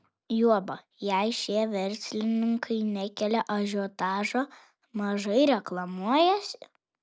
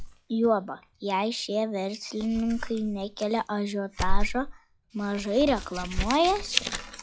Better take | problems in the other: first | noise reduction (classical method log-MMSE)

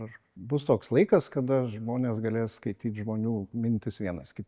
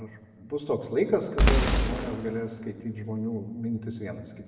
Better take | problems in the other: first | background sound (Boom); 5 dB above the speech // room echo; dies away in 1.3 s

